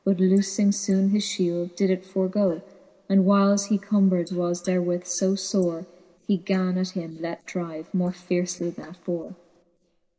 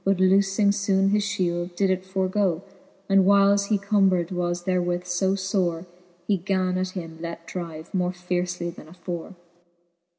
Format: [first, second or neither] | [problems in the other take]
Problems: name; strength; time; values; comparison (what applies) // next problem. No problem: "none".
second | noise reduction (neural mask model Resemble Enhance denoiser)